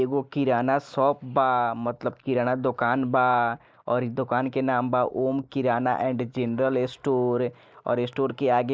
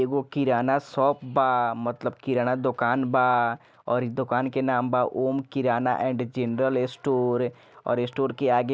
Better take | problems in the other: second | noise reduction (neural mask model Resemble Enhance denoiser)

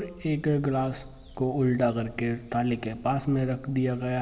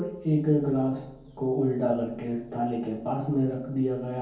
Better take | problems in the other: first | room echo; dies away in 0.6 s

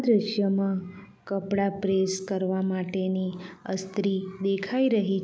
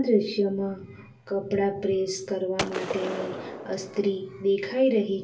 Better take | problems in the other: first | background sound (Gunshot, gunfire); 8 dB below the speech // room echo; dies away in 0.2 s

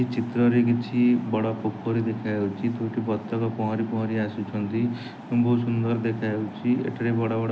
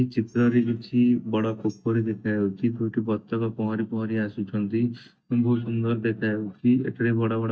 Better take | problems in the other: first | noise reduction (neural mask model DeepFilterNet 3)

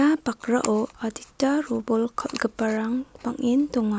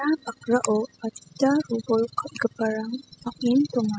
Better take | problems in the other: first | noise reduction (classical method spectral subtraction)

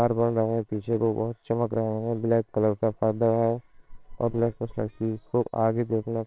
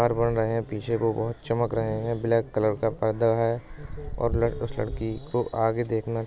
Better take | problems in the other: second | noise reduction (neural separator model SepFormer WHAMR!)

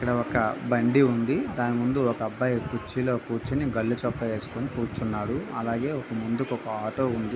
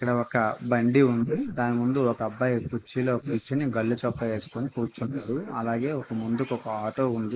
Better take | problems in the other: first | noise reduction (neural mask model Resemble Enhance denoiser)

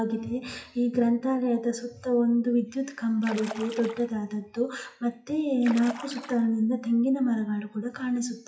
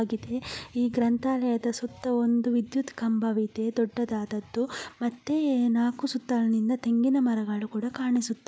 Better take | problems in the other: second | noise reduction (classical method WPE with log-MMSE)

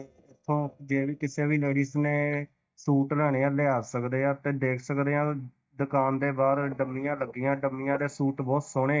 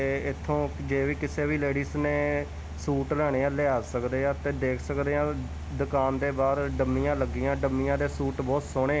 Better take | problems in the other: second | noise reduction (neural mask model DeepFilterNet 3)

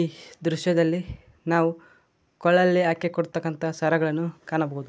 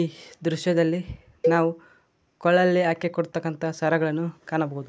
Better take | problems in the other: first | background sound (Cowbell); 6 dB below the speech

